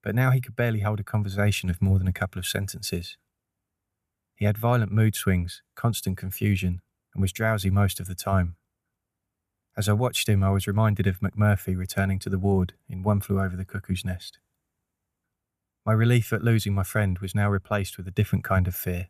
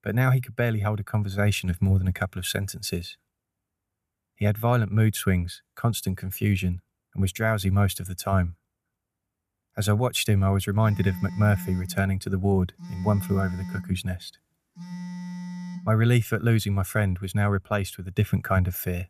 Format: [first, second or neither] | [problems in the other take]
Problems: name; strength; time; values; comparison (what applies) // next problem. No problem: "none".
first | phone ringing; noticeable; from 11 to 16 s; peak 10 dB below the speech